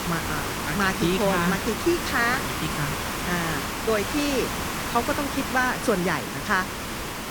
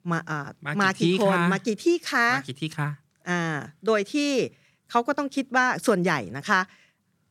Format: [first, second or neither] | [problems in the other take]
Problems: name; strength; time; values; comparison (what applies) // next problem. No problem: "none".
second | hiss; loud; throughout; 2 dB below the speech